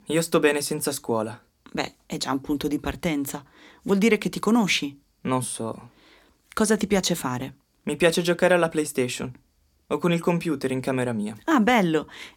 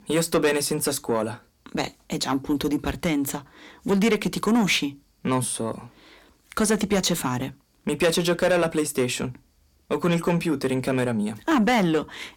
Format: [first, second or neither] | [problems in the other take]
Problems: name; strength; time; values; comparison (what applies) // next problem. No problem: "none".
first | distortion; slight; 10 dB below the speech